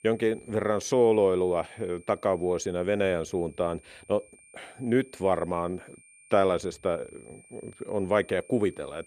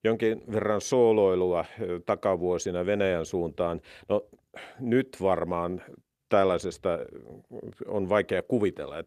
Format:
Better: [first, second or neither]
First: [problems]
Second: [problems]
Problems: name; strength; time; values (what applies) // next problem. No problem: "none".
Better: second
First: high-pitched whine; faint; throughout; 2.5 kHz, 25 dB below the speech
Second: none